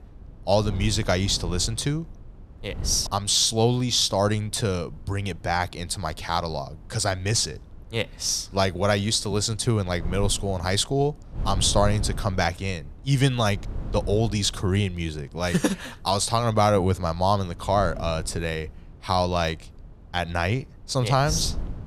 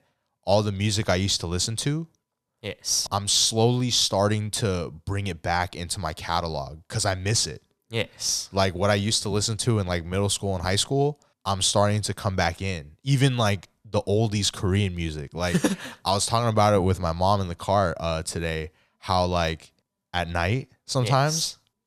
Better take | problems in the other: second | wind noise on the microphone; occasional gusts; 25 dB below the speech

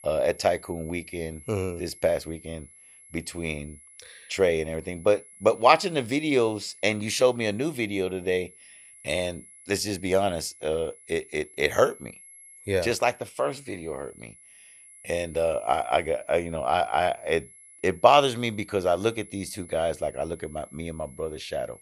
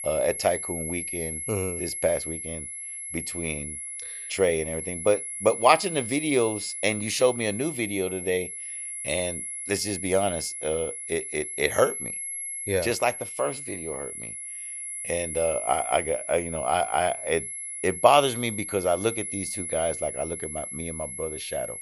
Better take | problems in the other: first | high-pitched whine; loud; throughout; 11 kHz, 6 dB below the speech; faint in the first

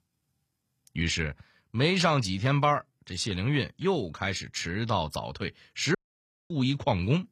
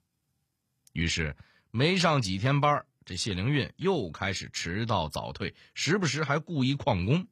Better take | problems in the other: second | audio cutting out; at 6 s for 0.5 s

